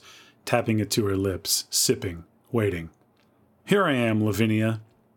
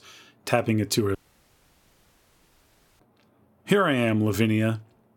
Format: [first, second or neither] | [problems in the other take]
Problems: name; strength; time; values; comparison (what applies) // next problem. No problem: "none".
first | audio cutting out; at 1 s for 2 s